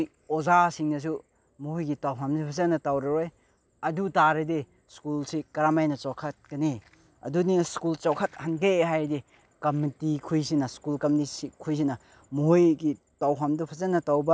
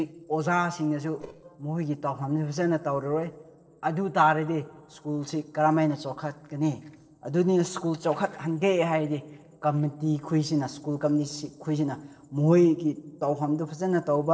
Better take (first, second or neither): first